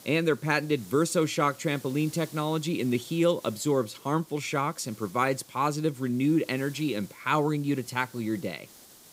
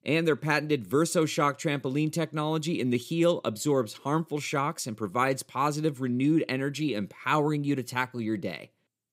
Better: second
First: hiss; faint; throughout; 20 dB below the speech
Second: none

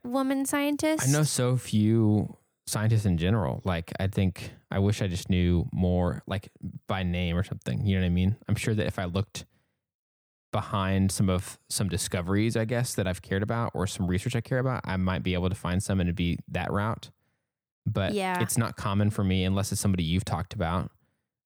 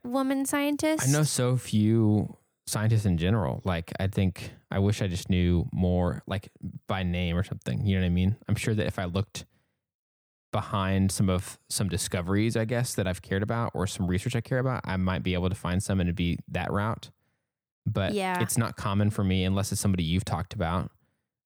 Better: neither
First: none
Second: none

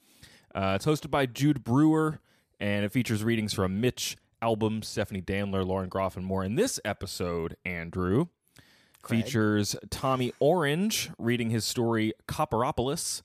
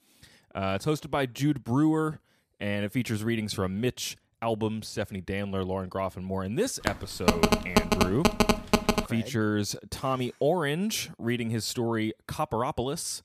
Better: first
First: none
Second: phone ringing; loud; from 7 to 9 s; peak 6 dB above the speech

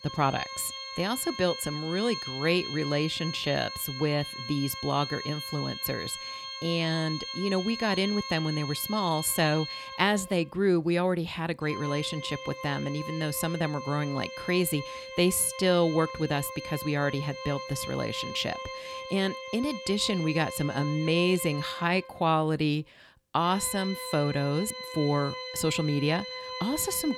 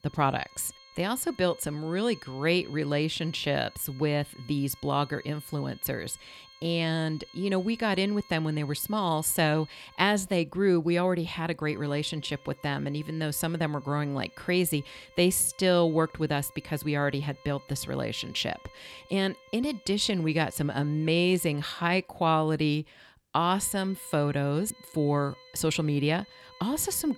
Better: second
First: background music; loud; throughout; 8 dB below the speech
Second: background music; faint; throughout; 25 dB below the speech

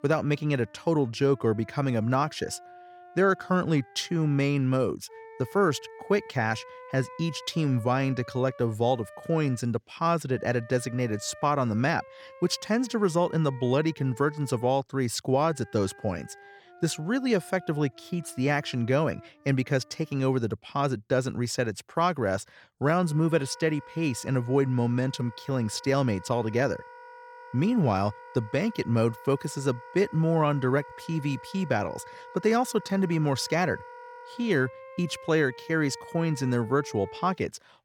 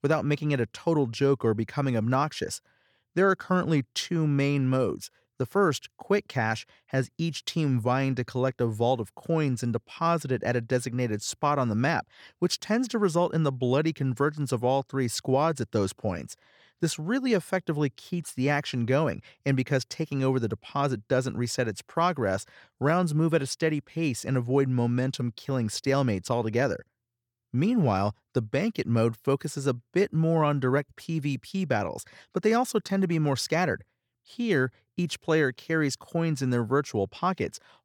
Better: second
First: background music; noticeable; throughout; 20 dB below the speech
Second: none

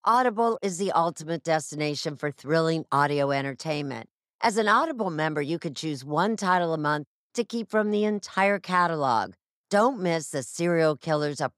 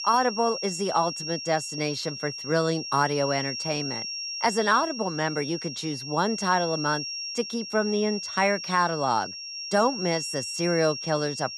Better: first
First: none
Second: high-pitched whine; loud; throughout; 5.5 kHz, 6 dB below the speech

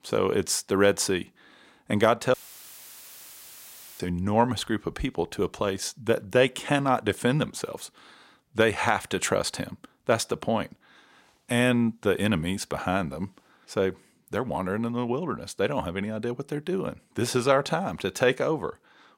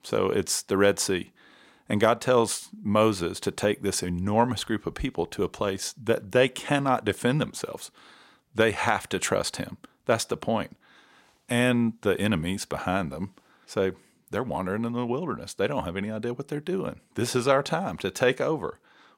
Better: second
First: audio cutting out; filled with static; at 2.5 s for 1.5 s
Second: none

